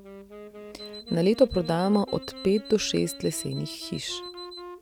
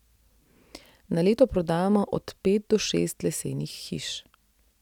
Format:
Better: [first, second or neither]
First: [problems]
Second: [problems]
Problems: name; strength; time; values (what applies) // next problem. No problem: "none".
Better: second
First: background sound (Wind instrument, woodwind instrument + Alarm); 14 dB below the speech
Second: none